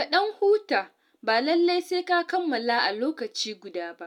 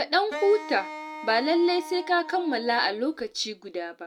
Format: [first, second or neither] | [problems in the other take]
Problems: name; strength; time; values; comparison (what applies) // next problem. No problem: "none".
first | background sound (Wind instrument, woodwind instrument); 13 dB below the speech